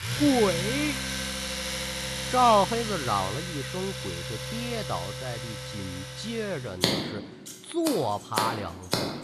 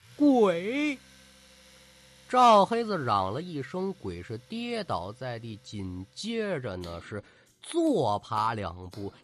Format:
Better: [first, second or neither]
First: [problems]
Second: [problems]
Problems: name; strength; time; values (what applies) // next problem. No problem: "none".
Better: second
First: household noises; loud; throughout; 3 dB below the speech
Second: household noises; faint; throughout; 25 dB below the speech